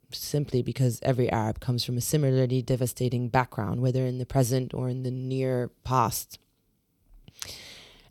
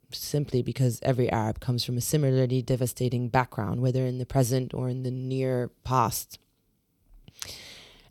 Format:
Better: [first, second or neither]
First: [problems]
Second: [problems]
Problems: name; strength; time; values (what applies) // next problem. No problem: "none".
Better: neither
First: none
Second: none